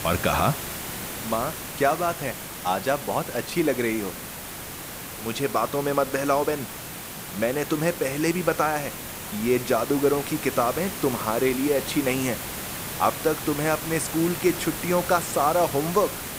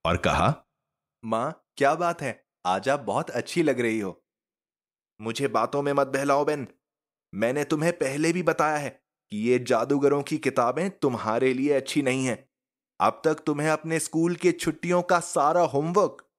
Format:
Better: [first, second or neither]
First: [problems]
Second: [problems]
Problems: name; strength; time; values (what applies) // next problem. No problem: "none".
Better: second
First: hiss; loud; throughout; 7 dB below the speech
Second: none